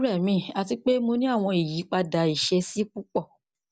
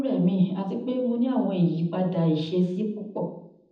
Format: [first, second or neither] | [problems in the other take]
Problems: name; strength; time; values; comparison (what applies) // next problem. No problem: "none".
first | room echo; dies away in 0.8 s